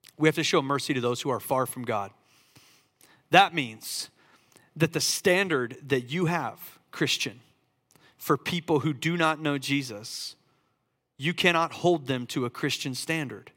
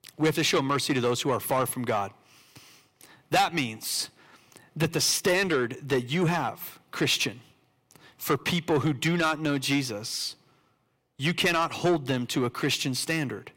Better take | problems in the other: first | distortion; heavy; 7 dB below the speech

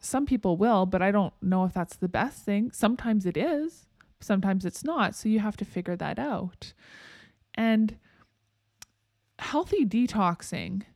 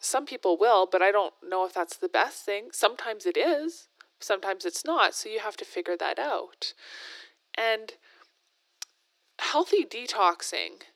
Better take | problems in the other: first | thin; very; fading below 350 Hz

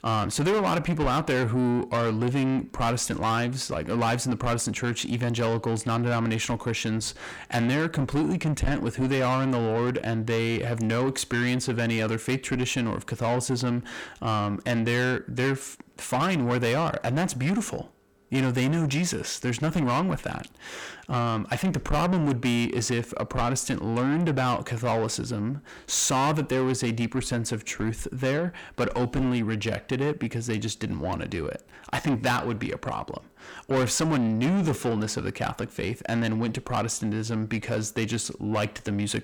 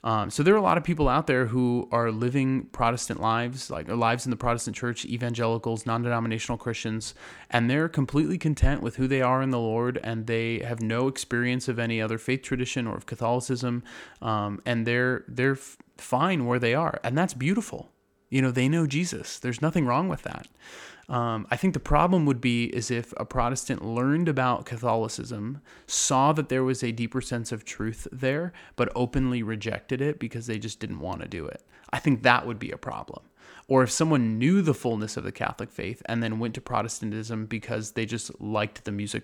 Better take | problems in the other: second | distortion; heavy; 8 dB below the speech

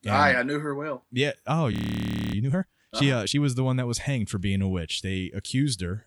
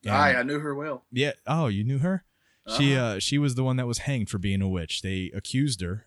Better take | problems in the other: second | audio freezing; at 1.5 s for 0.5 s

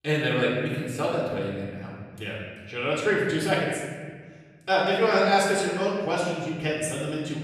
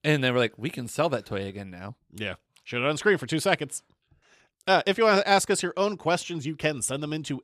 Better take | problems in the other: second | off-mic speech; far // room echo; noticeable; dies away in 1.7 s

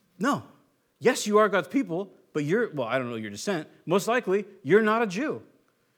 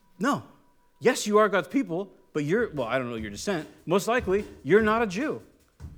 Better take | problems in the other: first | background music; faint; throughout; 20 dB below the speech

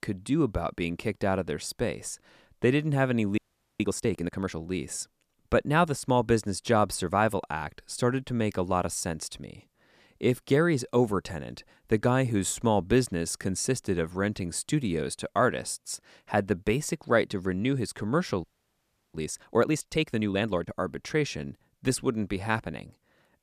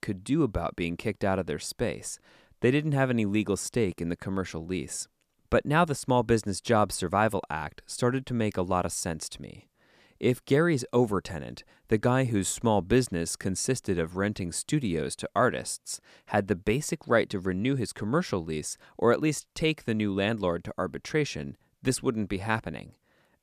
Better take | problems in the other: second | audio freezing; at 3.5 s and at 18 s for 0.5 s

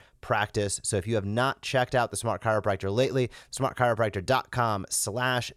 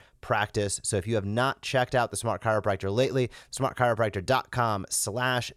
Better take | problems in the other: neither | none

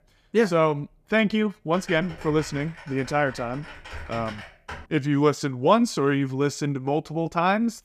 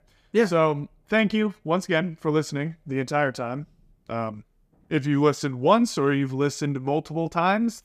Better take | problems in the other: second | keyboard typing; faint; from 1.5 to 5 s; peak 15 dB below the speech

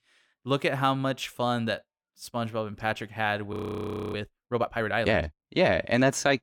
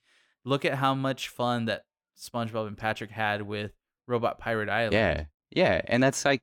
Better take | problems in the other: second | audio freezing; at 3.5 s for 0.5 s

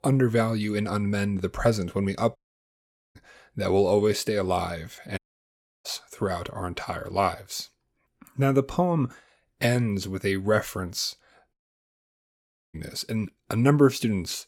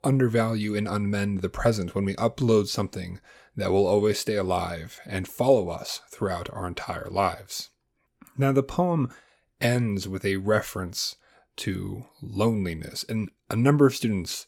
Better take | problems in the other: second | audio cutting out; at 2.5 s for 1 s, at 5 s for 0.5 s and at 12 s for 1 s

